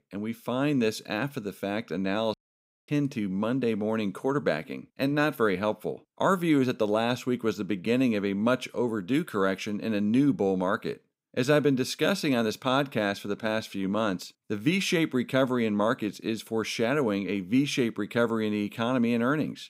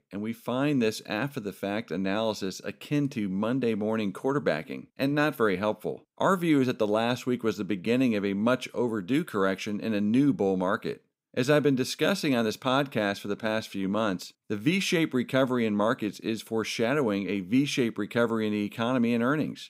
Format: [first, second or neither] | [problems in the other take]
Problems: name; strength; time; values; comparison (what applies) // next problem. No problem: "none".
second | audio cutting out; at 2.5 s for 0.5 s